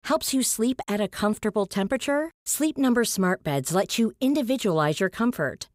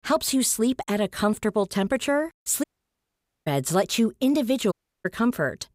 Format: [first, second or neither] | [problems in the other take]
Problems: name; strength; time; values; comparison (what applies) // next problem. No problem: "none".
first | audio cutting out; at 2.5 s for 1 s and at 4.5 s